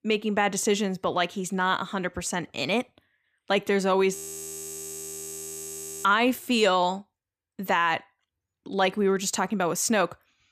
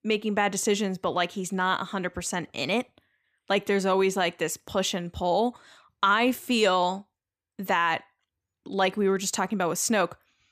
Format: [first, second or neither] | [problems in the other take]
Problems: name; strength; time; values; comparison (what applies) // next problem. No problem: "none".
second | audio freezing; at 4 s for 2 s